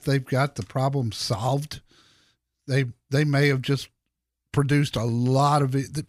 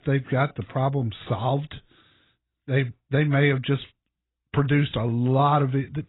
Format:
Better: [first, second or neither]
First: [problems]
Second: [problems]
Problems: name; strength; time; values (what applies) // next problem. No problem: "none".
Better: first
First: none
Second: garbled, watery; badly; nothing above 4 kHz